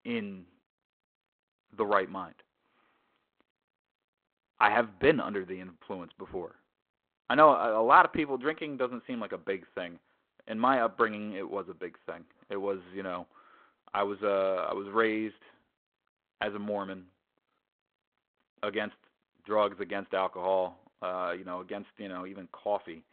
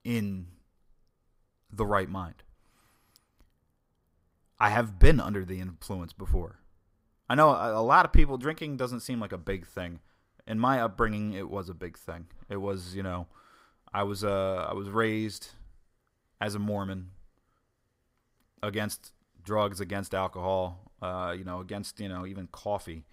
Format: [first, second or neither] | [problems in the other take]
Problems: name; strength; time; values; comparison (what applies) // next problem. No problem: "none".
second | phone-call audio